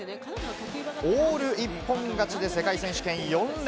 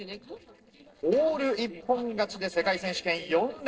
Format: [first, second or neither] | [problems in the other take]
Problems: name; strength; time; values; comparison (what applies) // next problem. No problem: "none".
first | noise reduction (neural separator model SepFormer DNS4)